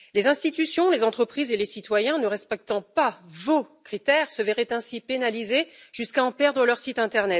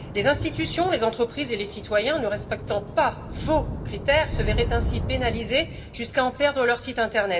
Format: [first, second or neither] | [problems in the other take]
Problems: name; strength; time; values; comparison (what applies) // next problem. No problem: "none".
first | background sound (Thunder / Rain); 6 dB below the speech // room echo; dies away in 1.4 s